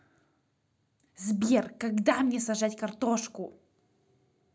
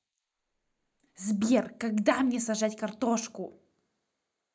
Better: first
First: none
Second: noise reduction (neural mask model Resemble Enhance denoiser)

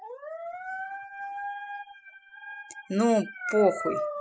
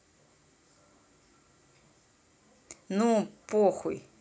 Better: second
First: noise reduction (classical method spectral subtraction)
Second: none

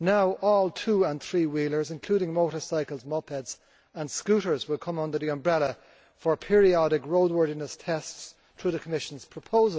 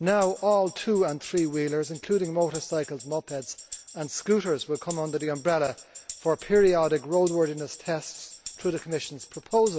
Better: first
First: none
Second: background sound (Tambourine); 18 dB below the speech

